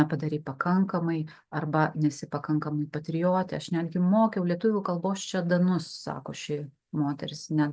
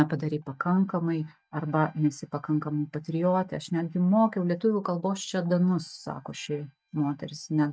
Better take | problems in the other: first | noise reduction (neural mask model DeepFilterNet 3)

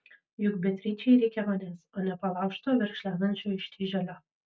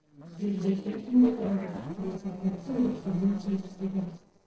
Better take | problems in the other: first | noise reduction (neural separator model SepFormer DNS4)

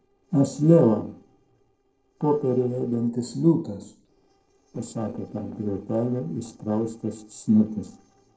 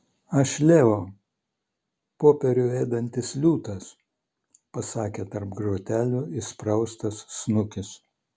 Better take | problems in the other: second | noise reduction (neural separator model SepFormer DNS4)

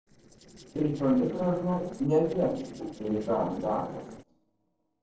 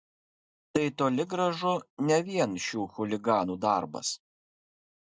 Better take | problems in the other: second | noise reduction (neural separator model SepFormer DNS4)

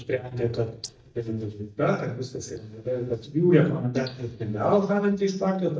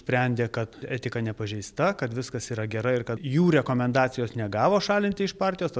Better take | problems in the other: second | noise reduction (neural mask model DeepFilterNet 3)

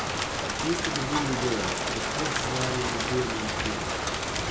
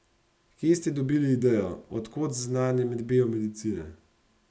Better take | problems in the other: second | background sound (Rain); 4 dB above the speech

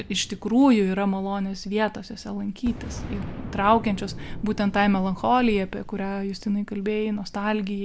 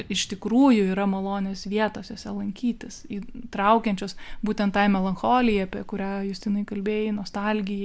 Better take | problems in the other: second | background sound (Boom); 16 dB below the speech

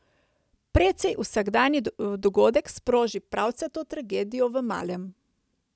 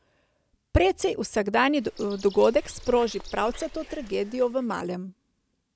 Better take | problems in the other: first | background sound (Bird); 17 dB below the speech

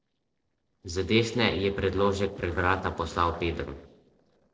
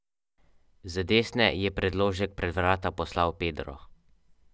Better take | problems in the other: second | noise reduction (neural separator model SepFormer DNS4)

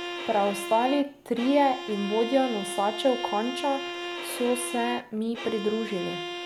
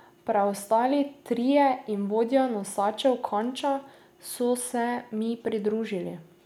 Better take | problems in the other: second | background sound (Bowed string instrument); 8 dB below the speech

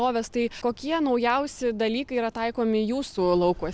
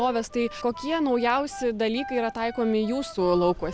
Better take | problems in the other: first | background sound (Wind instrument, woodwind instrument); 15 dB below the speech

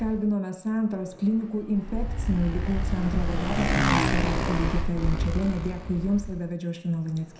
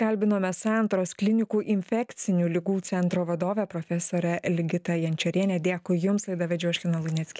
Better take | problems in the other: second | background sound (Motorcycle); as loud as the speech // room echo; dies away in 0.5 s

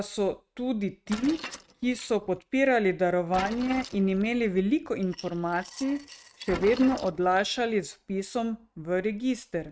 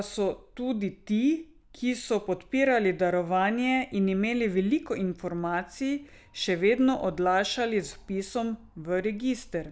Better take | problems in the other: second | noise reduction (neural mask model RNNoise)

